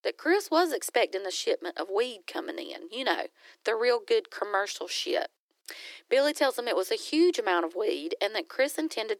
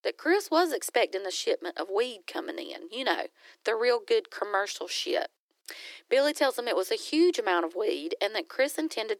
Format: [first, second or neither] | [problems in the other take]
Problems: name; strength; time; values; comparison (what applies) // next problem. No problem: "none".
neither | thin; very; fading below 350 Hz; the same in both